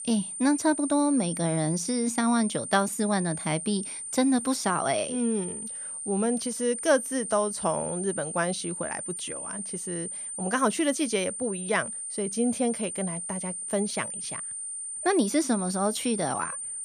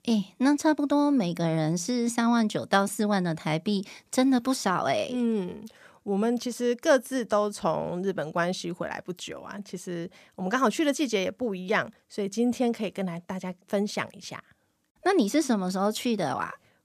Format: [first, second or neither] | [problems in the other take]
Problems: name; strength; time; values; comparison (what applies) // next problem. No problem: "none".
second | high-pitched whine; loud; throughout; 9 kHz, 5 dB below the speech